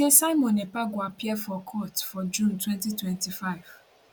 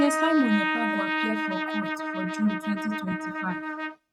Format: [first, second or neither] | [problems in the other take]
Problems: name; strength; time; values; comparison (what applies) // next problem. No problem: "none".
first | noise reduction (neural mask model RNNoise)